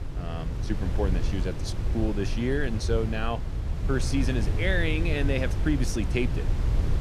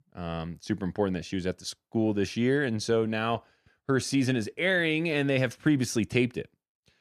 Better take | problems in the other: second | wind noise on the microphone; heavy; 9 dB below the speech

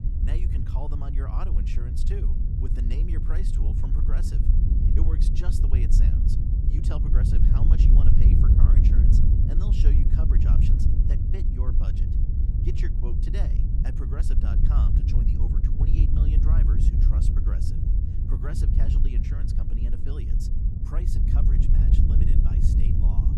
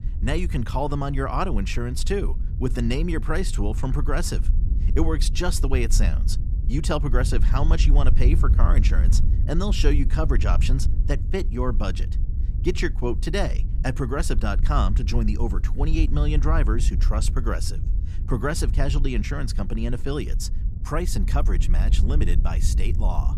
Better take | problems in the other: second | wind noise on the microphone; heavy; 4 dB above the speech; occasional gusts in the second

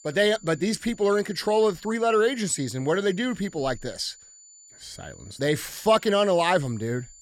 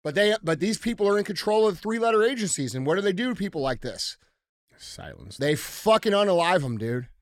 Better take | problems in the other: second | high-pitched whine; faint; throughout; 7 kHz, 25 dB below the speech

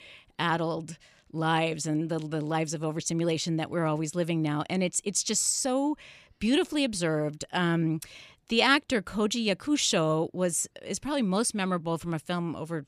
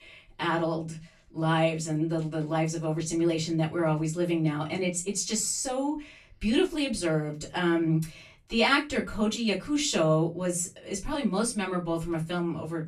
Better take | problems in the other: first | off-mic speech; far // room echo; very slight; dies away in 0.2 s

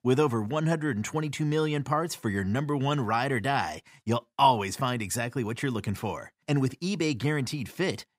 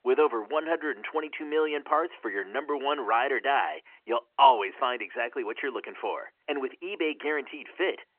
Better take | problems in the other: first | phone-call audio; nothing above 3 kHz

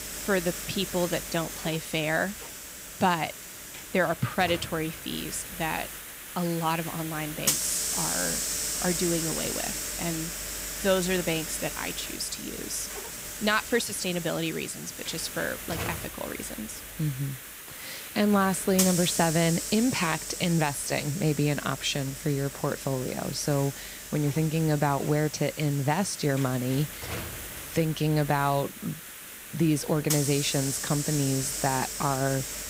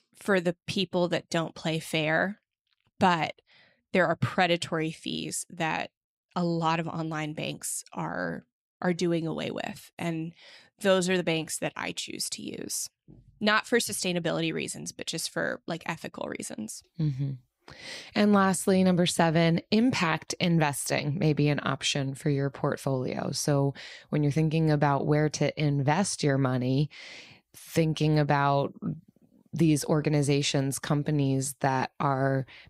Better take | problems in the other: second | hiss; loud; throughout; 5 dB below the speech

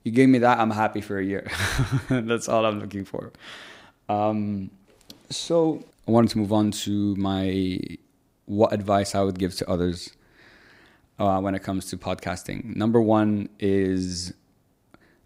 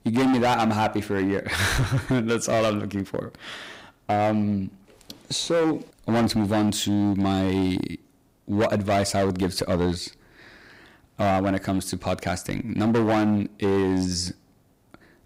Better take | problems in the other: first | distortion; heavy; 13% of the sound clipped

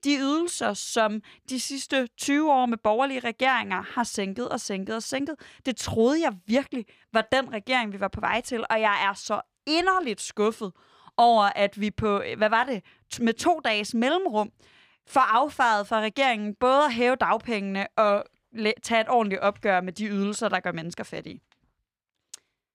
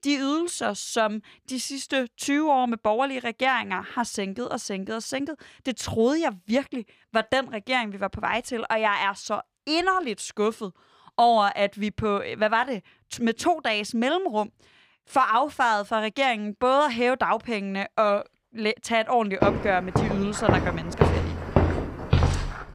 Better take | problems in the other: first | footsteps; loud; from 19 s on; peak 2 dB above the speech

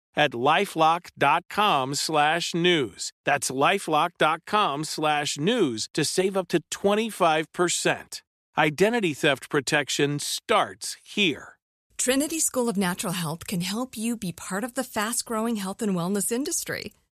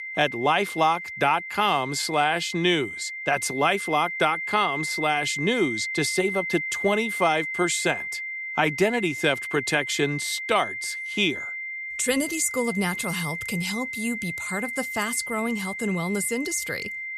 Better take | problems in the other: first | high-pitched whine; loud; throughout; 2 kHz, 5 dB below the speech

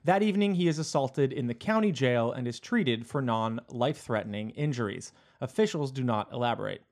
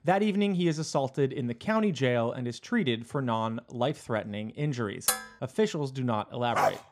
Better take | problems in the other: first | clattering dishes; loud; at 5 s; peak 1 dB above the speech // dog barking; very faint; at 6.5 s; peak 1 dB above the speech

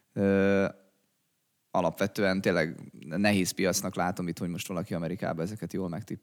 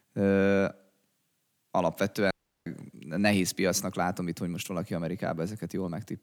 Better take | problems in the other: first | audio cutting out; at 2.5 s

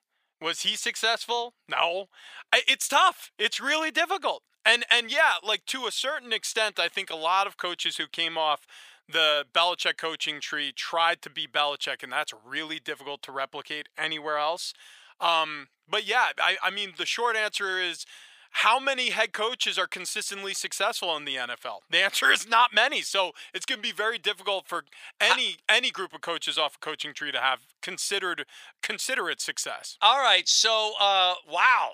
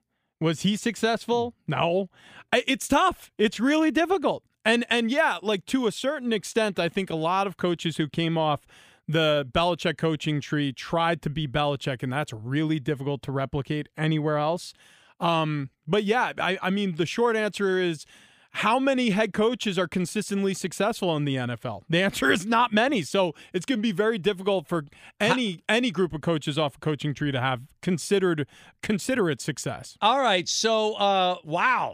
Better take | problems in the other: second | thin; very; fading below 900 Hz

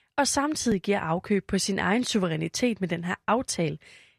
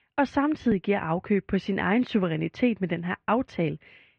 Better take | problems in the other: first | muffled; very; fading above 3 kHz

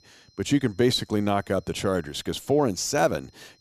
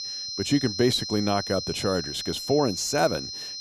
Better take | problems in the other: first | high-pitched whine; loud; throughout; 4 kHz, 6 dB below the speech; faint in the first

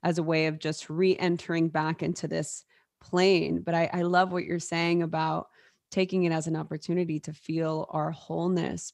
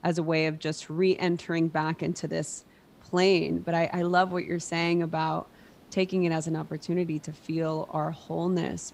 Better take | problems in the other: first | hiss; faint; throughout; 30 dB below the speech

